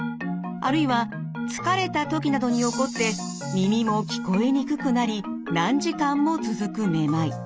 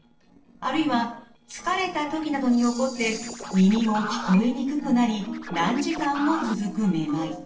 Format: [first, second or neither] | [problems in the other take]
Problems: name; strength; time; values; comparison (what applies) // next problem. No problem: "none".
first | noise reduction (neural separator model SepFormer DNS4)